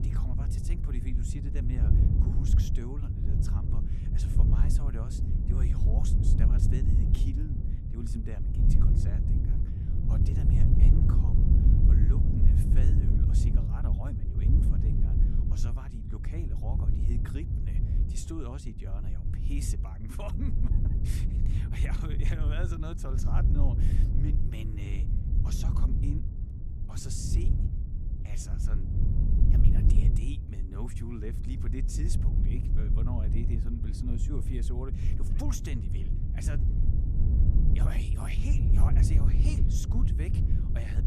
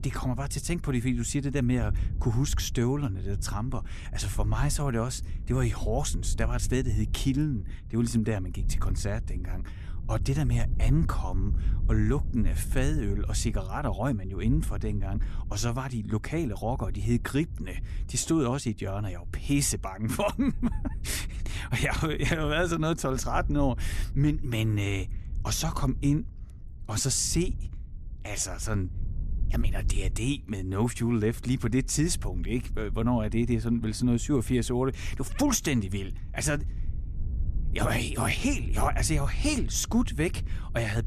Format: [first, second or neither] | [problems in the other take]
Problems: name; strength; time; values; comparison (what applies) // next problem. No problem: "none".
second | wind noise on the microphone; heavy; 2 dB above the speech; occasional gusts in the second